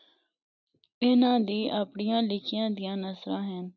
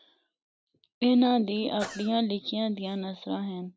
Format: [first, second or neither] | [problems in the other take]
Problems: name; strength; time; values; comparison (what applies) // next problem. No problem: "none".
first | background sound (Sneeze / Cough); 17 dB below the speech